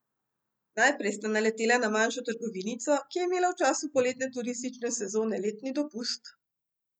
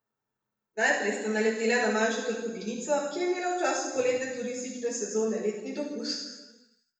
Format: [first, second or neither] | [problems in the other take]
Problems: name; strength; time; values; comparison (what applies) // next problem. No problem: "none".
first | room echo; dies away in 1 s